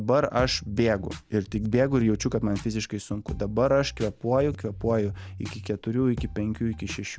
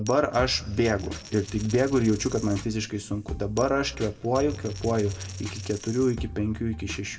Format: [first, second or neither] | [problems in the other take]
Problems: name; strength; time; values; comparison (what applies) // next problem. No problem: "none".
first | background sound (Coin (dropping)); 19 dB below the speech // room echo; dies away in 1.8 s